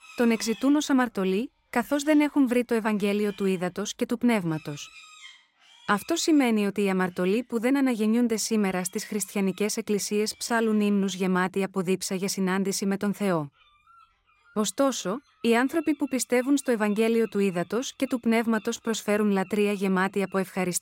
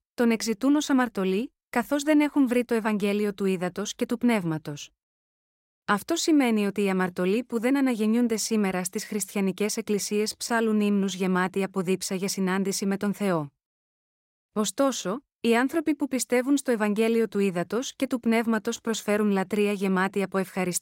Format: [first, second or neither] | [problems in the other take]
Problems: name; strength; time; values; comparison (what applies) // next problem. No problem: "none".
second | animal sounds; faint; throughout; 25 dB below the speech